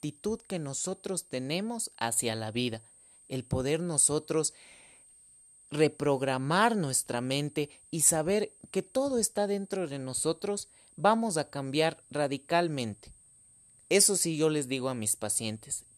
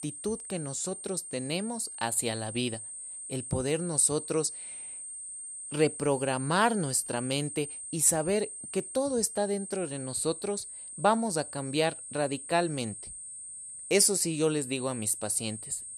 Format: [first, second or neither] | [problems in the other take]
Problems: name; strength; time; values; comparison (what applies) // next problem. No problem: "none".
first | high-pitched whine; loud; throughout; 8.5 kHz, 9 dB below the speech; faint in the first